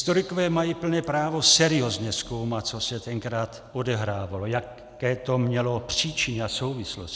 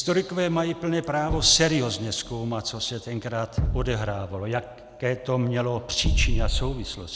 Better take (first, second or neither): first